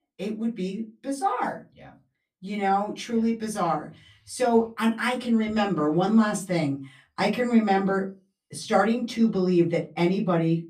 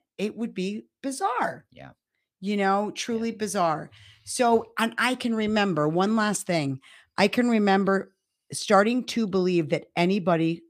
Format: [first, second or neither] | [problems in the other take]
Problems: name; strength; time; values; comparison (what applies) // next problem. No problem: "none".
second | off-mic speech; far // room echo; very slight; dies away in 0.2 s